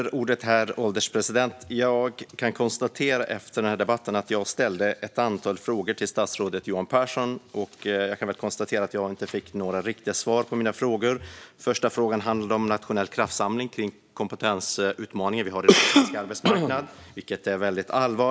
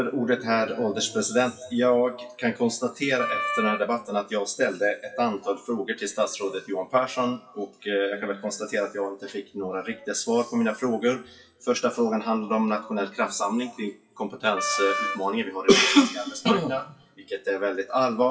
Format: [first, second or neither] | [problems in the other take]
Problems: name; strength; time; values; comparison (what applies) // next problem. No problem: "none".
first | noise reduction (classical method WPE with log-MMSE)